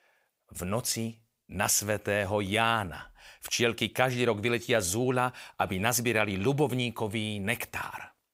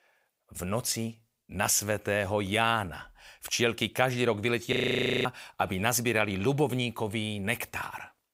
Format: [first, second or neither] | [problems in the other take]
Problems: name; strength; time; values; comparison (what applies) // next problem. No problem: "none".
first | audio freezing; at 4.5 s for 0.5 s